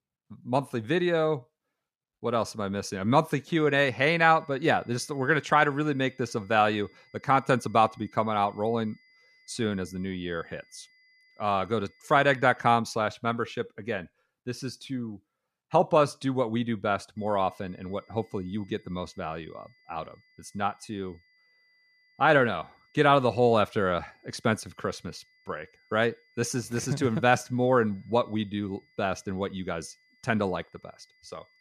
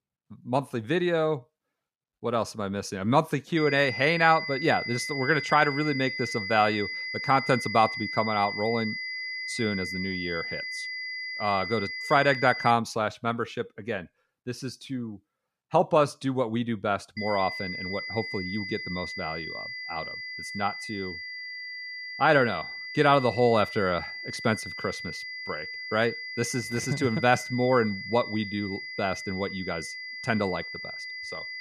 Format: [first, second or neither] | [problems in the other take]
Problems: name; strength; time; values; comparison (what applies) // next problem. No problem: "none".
first | high-pitched whine; loud; from 3.5 to 13 s and from 17 s on; 2 kHz, 7 dB below the speech; faint in the first